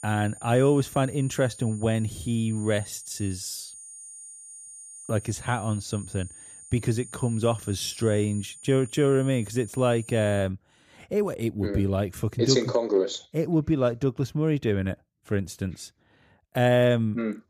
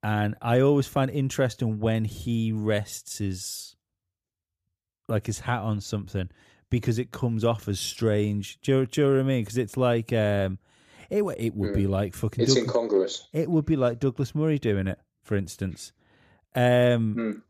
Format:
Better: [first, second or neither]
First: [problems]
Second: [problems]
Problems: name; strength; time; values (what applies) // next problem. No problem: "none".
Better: second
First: high-pitched whine; noticeable; until 10 s; 9 kHz, 15 dB below the speech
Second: none